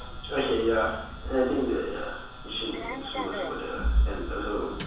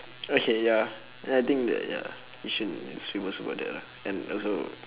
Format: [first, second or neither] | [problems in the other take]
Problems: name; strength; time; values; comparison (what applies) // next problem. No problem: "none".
second | background sound (Sliding door); 3 dB below the speech // room echo; dies away in 0.7 s